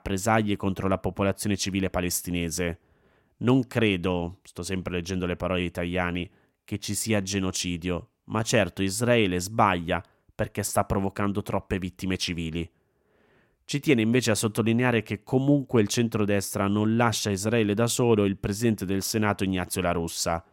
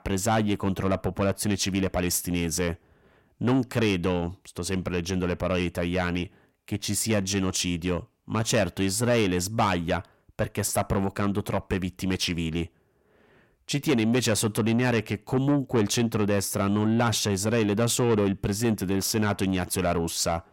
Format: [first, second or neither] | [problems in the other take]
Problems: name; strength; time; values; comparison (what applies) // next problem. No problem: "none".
first | distortion; slight; 10 dB below the speech